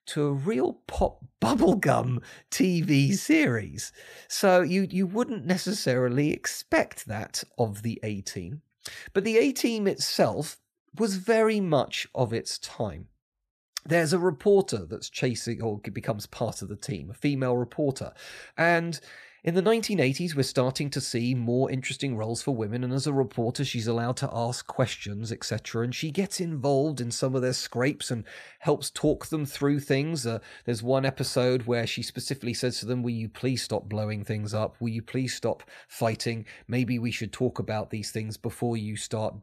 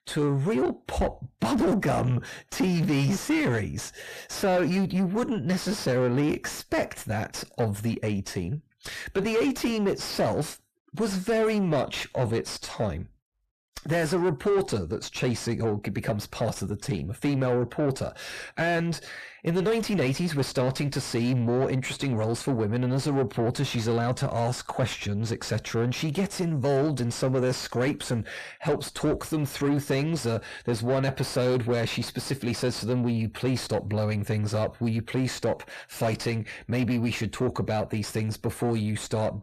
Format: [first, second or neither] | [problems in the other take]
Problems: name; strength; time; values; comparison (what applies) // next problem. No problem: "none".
first | distortion; heavy; 7 dB below the speech